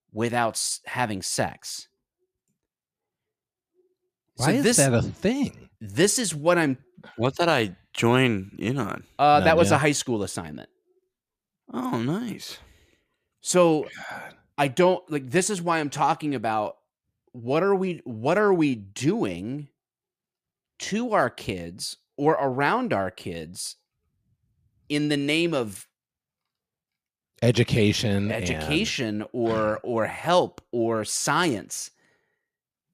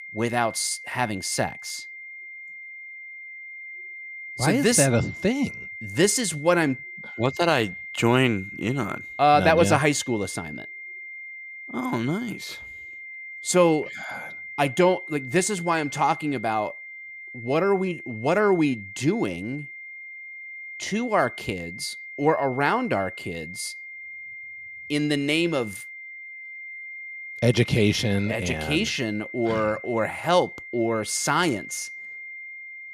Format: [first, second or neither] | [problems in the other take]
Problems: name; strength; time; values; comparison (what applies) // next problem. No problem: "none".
first | high-pitched whine; noticeable; throughout; 2 kHz, 15 dB below the speech